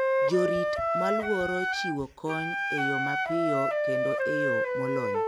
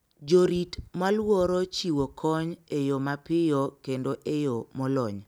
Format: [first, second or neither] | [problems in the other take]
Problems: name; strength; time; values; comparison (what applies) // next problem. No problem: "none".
second | background sound (Wind instrument, woodwind instrument); 4 dB above the speech